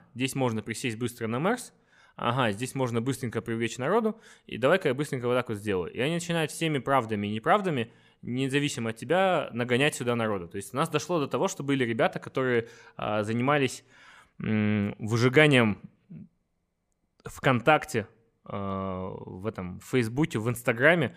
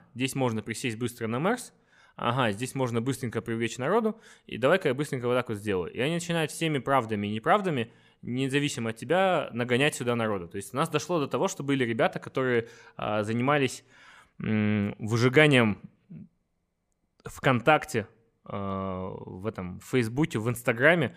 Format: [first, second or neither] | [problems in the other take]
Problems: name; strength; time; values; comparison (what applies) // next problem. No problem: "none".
neither | none